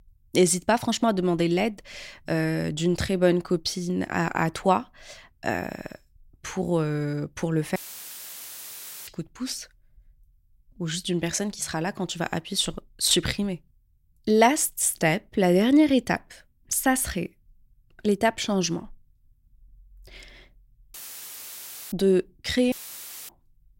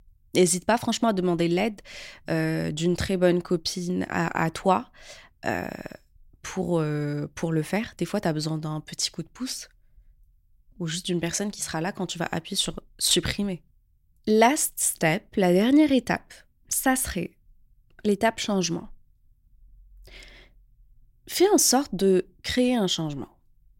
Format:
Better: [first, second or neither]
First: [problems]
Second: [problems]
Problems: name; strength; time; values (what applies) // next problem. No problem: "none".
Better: second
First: audio cutting out; filled with static; at 8 s for 1.5 s, at 21 s for 1 s and at 23 s for 0.5 s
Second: none